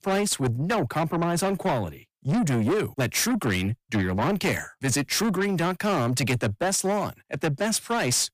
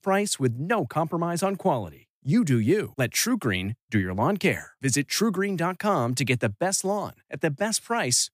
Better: second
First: distortion; heavy; 8 dB below the speech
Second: none

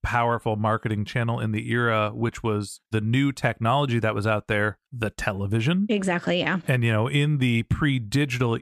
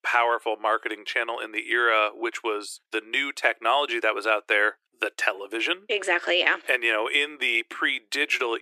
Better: first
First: none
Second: thin; very; fading below 350 Hz

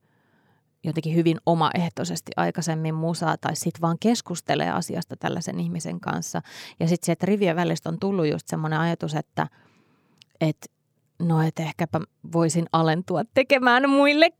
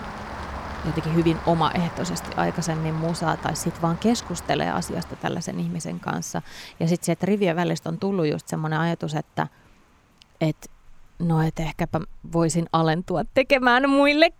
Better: first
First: none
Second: rain or running water; noticeable; throughout; 15 dB below the speech

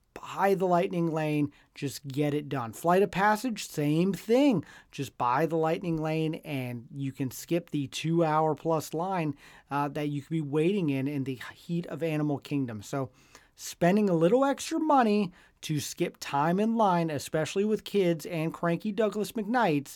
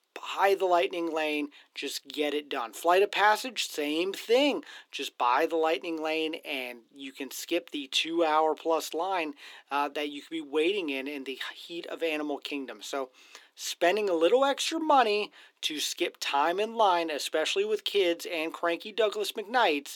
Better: first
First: none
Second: thin; somewhat; fading below 350 Hz

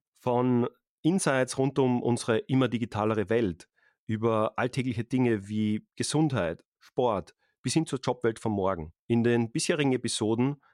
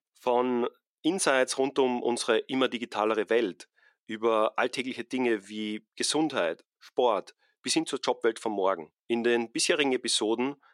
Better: first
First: none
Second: thin; somewhat; fading below 300 Hz

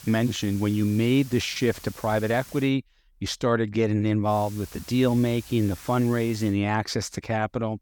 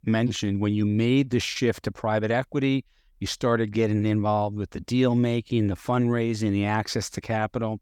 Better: second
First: hiss; noticeable; until 2.5 s and from 4.5 to 6.5 s; 20 dB below the speech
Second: none

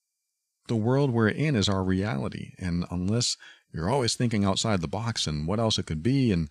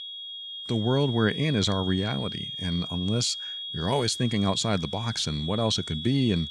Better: first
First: none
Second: high-pitched whine; loud; throughout; 3.5 kHz, 7 dB below the speech

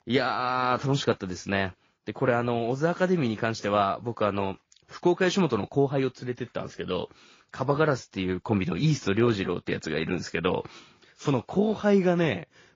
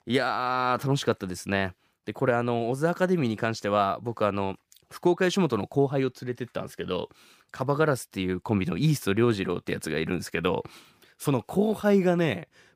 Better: second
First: garbled, watery; slightly; nothing above 6 kHz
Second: none

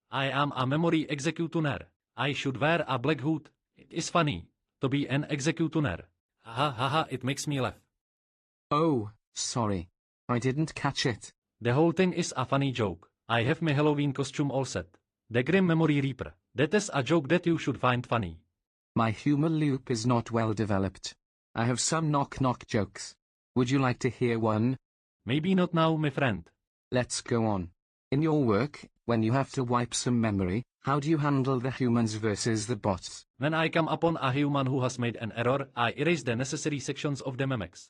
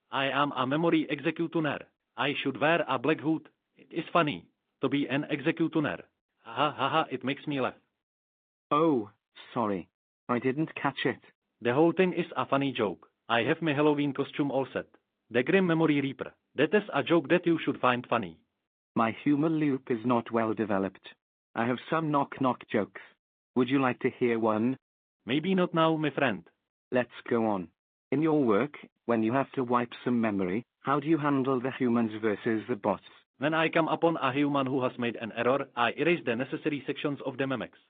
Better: first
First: none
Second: phone-call audio; nothing above 3.5 kHz

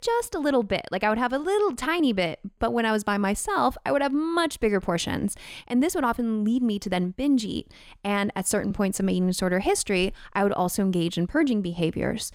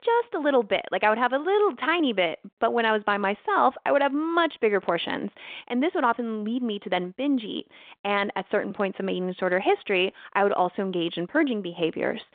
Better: first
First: none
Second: phone-call audio

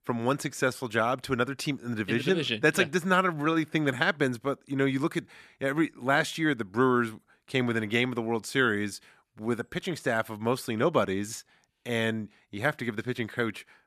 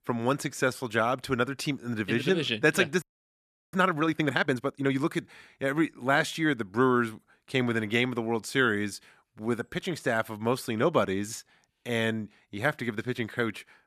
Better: first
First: none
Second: audio freezing; at 3 s for 0.5 s

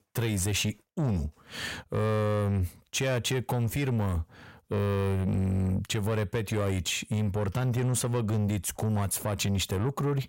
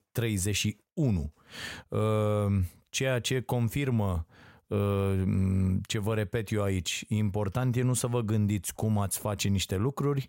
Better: second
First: distortion; slight; 10 dB below the speech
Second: none

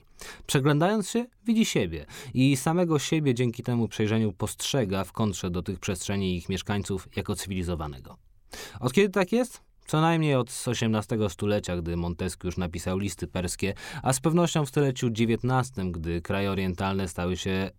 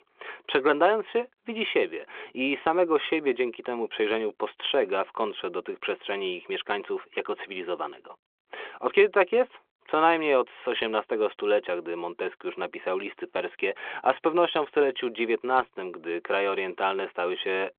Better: first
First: none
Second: phone-call audio; nothing above 3.5 kHz

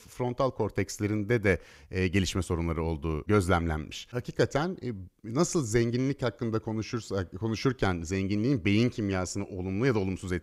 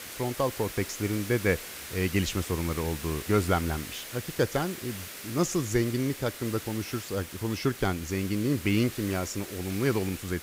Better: first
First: none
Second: hiss; loud; throughout; 10 dB below the speech

